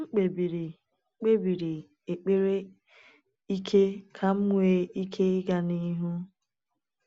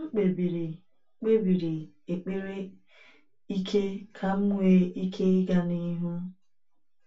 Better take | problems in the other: first | room echo; dies away in 0.2 s

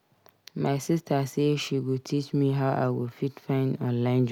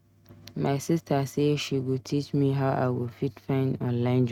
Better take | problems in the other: first | noise reduction (neural mask model RNNoise)

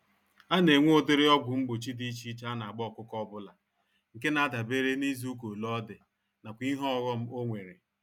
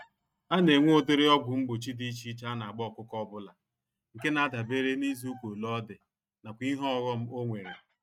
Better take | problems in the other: first | noise reduction (neural mask model RNNoise)

